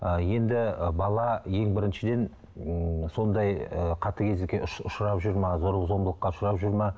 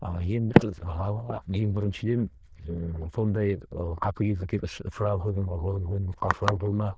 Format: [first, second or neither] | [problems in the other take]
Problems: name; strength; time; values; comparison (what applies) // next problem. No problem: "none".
first | noise reduction (neural diffusion model UNIVERSE++)